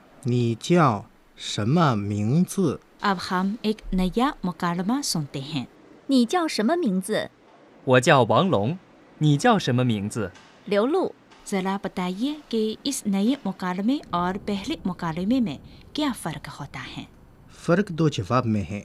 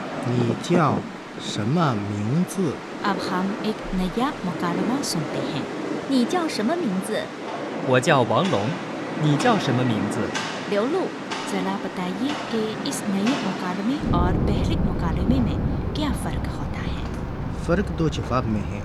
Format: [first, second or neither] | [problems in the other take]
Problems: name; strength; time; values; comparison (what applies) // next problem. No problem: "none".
first | rain or running water; loud; throughout; 3 dB below the speech; faint in the first